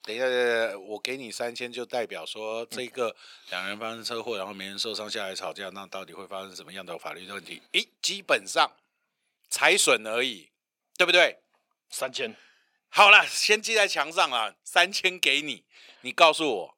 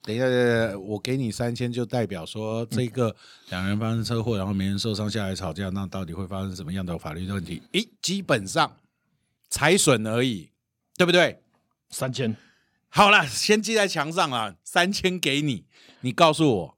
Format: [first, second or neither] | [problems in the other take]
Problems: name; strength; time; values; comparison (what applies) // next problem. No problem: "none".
second | thin; very; fading below 550 Hz